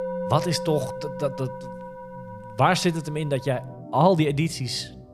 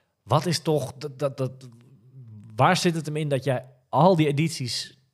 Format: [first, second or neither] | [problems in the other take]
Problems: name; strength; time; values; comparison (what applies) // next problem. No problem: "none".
second | background music; noticeable; throughout; 10 dB below the speech